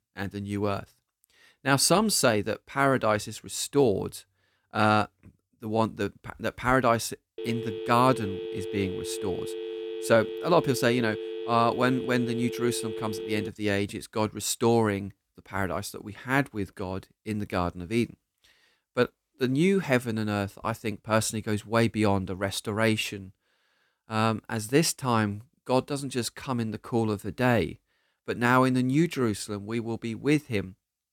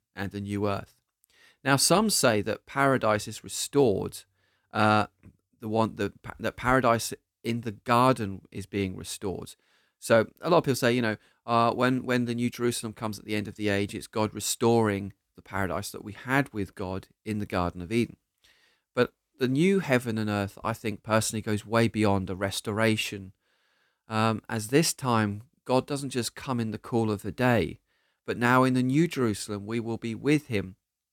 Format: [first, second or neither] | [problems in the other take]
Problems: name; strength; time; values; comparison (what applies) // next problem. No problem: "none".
second | phone ringing; noticeable; from 7.5 to 13 s; peak 8 dB below the speech